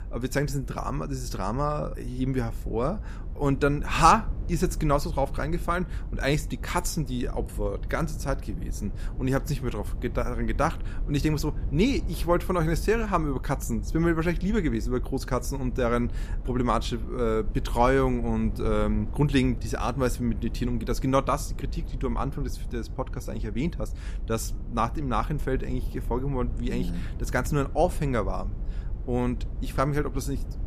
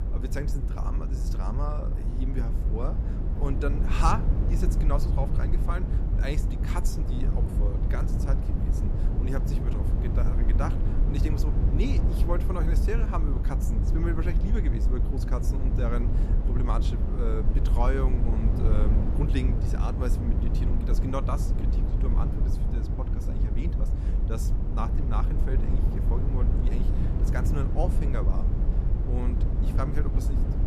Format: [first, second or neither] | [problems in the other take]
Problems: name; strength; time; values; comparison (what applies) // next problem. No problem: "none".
first | low rumble; loud; throughout; 4 dB below the speech; faint in the first